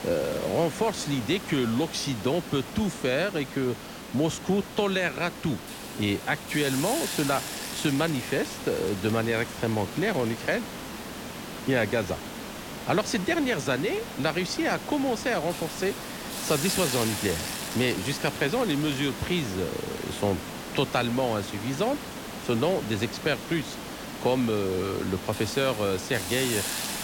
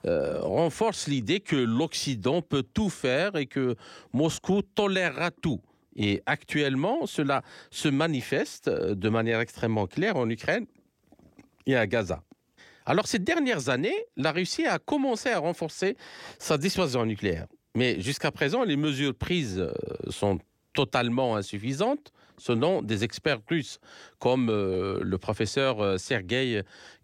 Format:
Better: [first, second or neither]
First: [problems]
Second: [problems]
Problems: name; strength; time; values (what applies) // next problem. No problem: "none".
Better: second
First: hiss; loud; throughout; 7 dB below the speech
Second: none